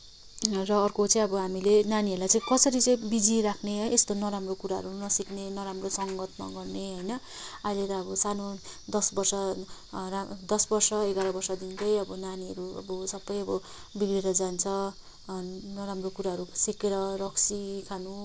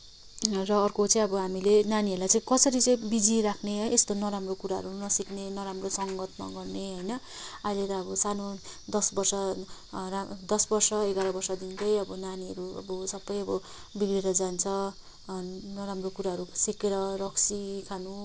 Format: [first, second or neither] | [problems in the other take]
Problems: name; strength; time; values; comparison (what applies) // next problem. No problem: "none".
second | background sound (Bowed string instrument); 15 dB below the speech